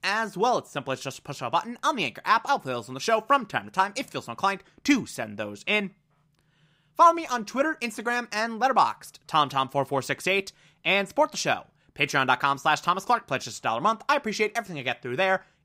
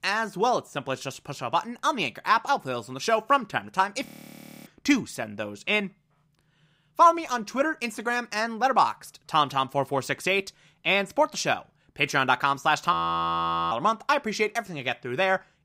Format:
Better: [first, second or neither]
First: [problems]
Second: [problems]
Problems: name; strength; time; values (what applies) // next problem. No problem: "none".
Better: first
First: none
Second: audio freezing; at 4 s for 0.5 s and at 13 s for 1 s